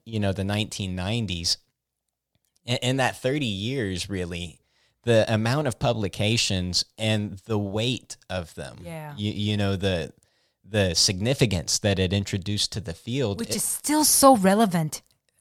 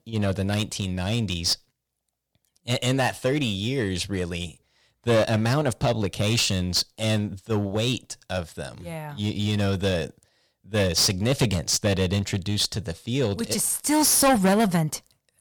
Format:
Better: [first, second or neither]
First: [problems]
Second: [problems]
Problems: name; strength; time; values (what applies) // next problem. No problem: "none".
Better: first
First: none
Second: distortion; slight; 5% of the sound clipped